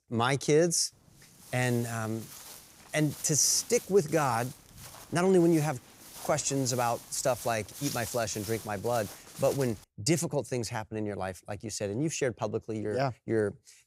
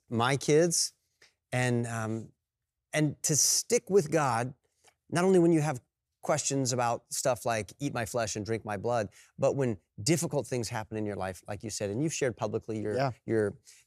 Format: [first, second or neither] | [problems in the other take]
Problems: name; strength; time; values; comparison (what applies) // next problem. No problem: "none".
second | footsteps; noticeable; from 1 to 10 s; peak 7 dB below the speech